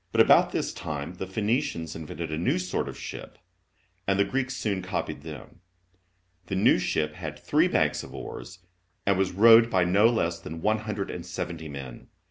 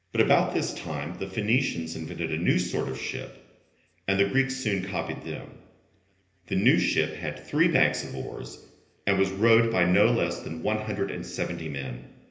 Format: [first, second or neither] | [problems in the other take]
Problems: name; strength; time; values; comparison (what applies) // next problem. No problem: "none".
first | room echo; dies away in 1.4 s